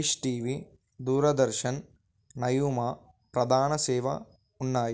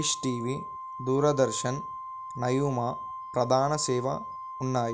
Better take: first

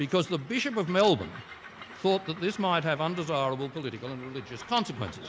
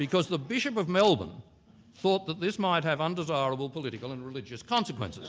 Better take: second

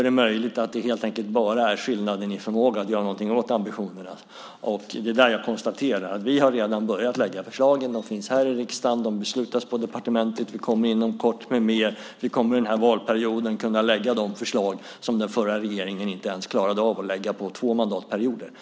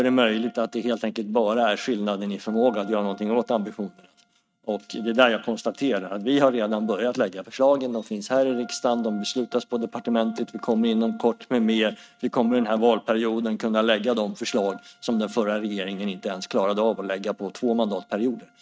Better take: first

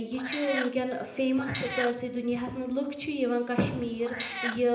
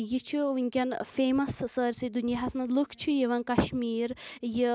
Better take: second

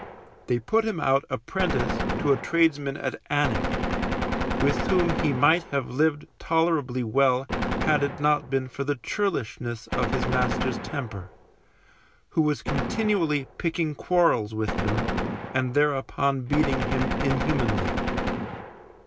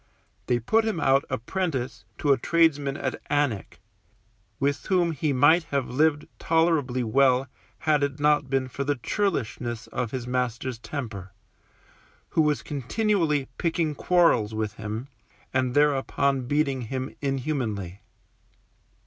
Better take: second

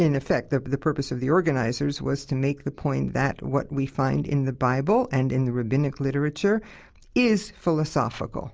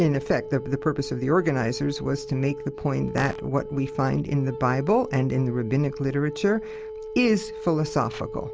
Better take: first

